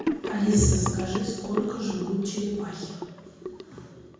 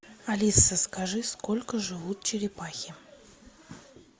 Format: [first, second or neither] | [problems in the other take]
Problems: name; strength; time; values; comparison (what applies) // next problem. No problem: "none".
second | background sound (Sink (filling or washing) / Gurgling); 7 dB below the speech // room echo; dies away in 1.3 s